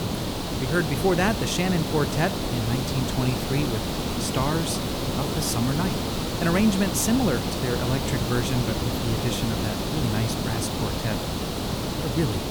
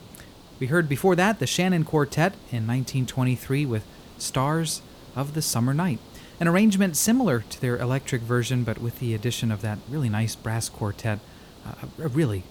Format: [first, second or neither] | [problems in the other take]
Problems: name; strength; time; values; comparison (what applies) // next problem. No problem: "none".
second | hiss; loud; throughout; 1 dB below the speech; faint in the second